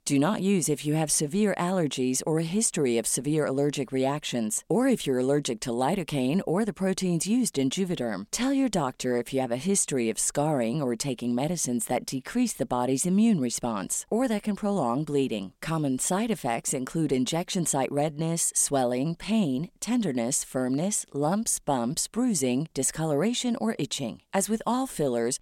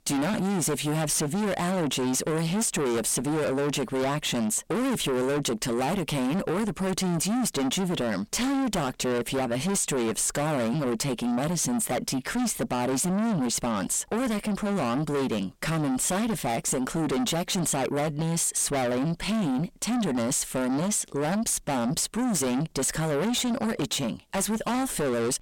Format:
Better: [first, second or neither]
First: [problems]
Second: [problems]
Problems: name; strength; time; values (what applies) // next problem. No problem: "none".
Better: first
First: none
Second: distortion; heavy; 5 dB below the speech